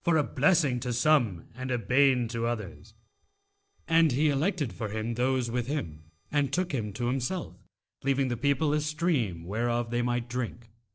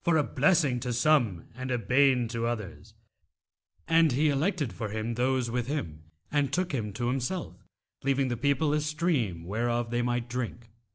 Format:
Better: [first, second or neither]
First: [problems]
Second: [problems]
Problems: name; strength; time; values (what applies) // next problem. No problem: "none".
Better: second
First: noise reduction (neural separator model SepFormer DNS4)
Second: none